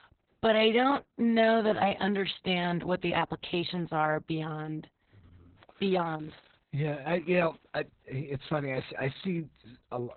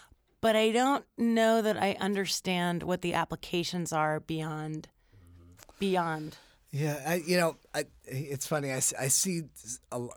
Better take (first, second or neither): second